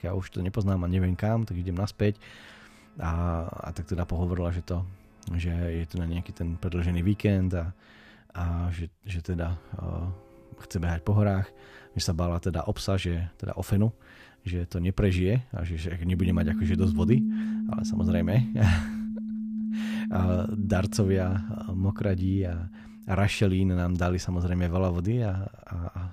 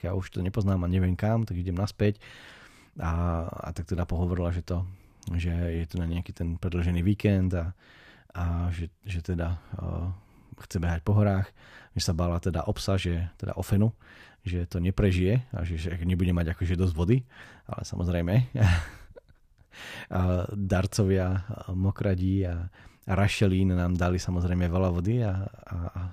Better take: second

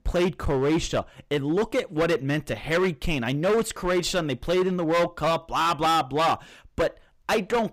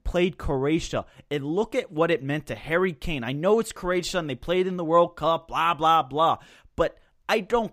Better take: second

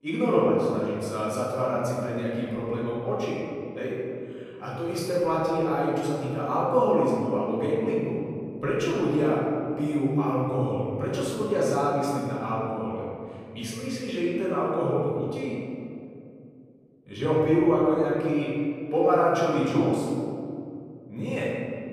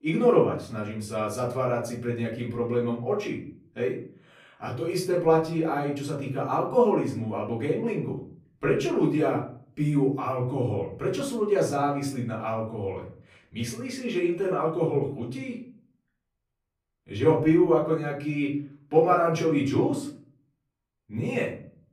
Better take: second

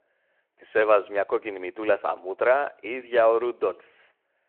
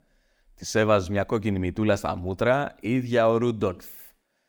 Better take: second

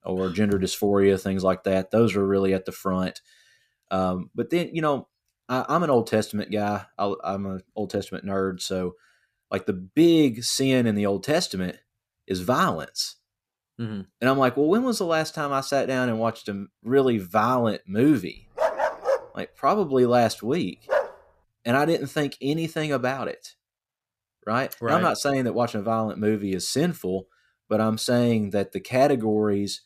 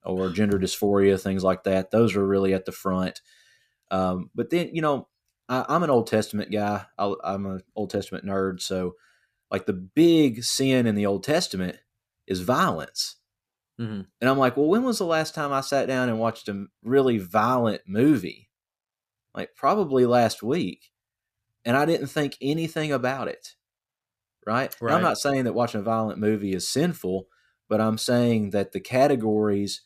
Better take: second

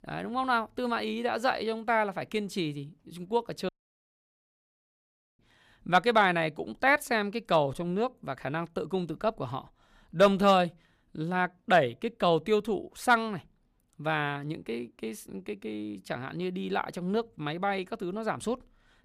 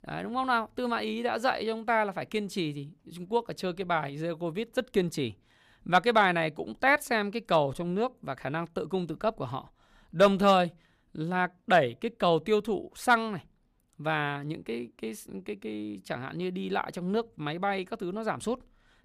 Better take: second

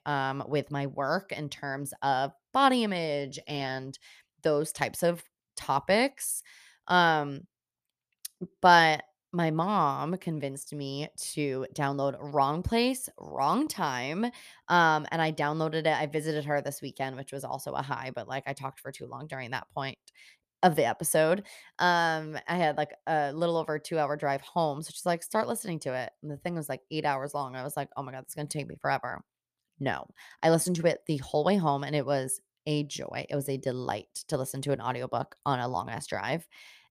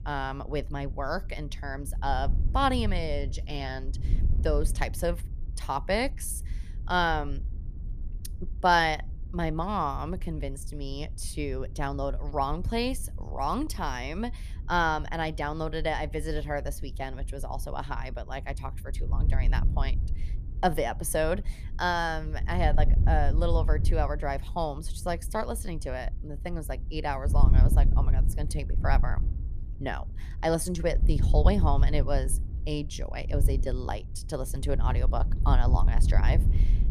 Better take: first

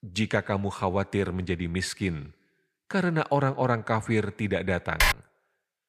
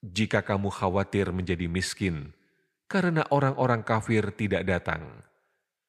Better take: second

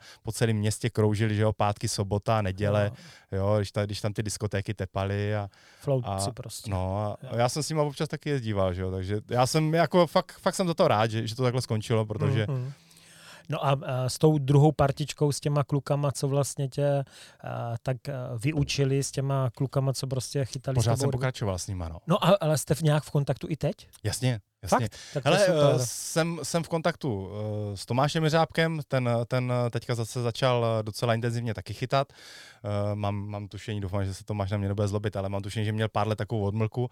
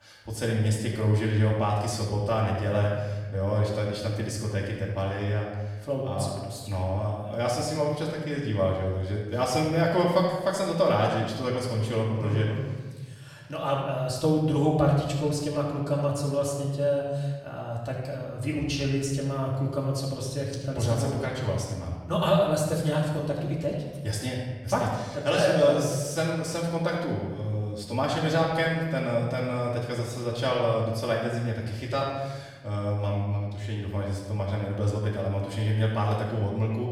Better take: first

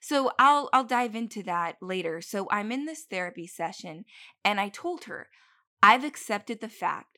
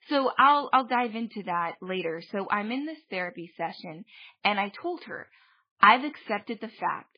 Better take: first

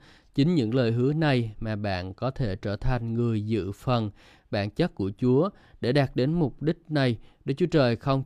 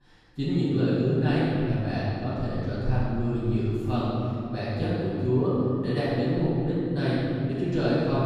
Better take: first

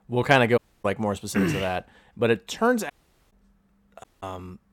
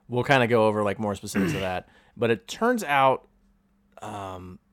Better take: second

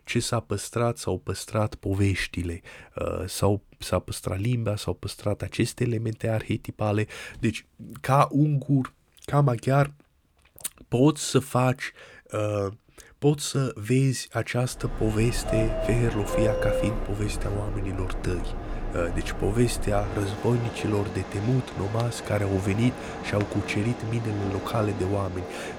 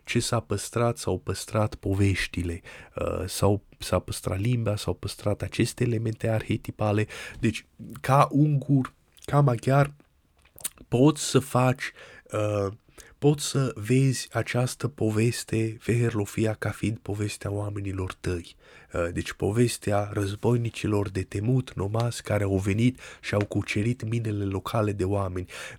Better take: second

